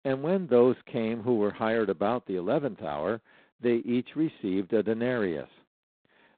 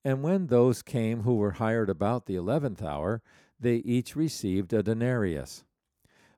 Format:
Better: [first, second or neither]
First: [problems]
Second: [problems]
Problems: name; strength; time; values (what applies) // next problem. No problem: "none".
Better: second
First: phone-call audio; poor line; nothing above 4 kHz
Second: none